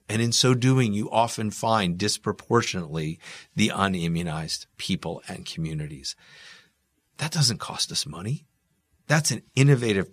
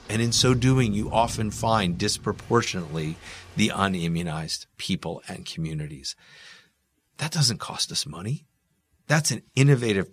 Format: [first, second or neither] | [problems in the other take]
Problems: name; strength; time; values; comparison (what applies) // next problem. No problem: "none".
first | rain or running water; noticeable; until 4 s; 15 dB below the speech